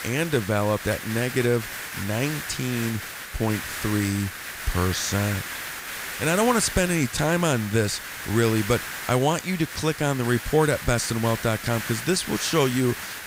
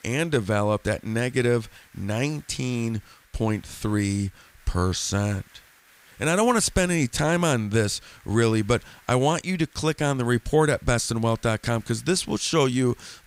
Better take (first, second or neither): second